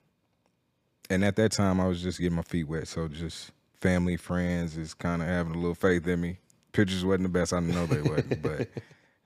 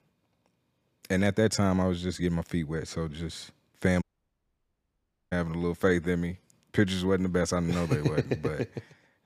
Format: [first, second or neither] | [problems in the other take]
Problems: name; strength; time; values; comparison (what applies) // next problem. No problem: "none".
first | audio cutting out; at 4 s for 1.5 s